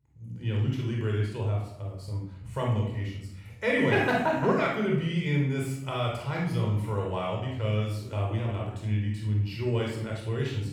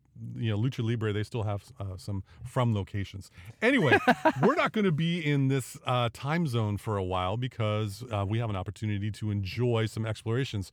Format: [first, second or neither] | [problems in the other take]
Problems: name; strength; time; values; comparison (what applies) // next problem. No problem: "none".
second | room echo; noticeable; dies away in 0.6 s // off-mic speech; far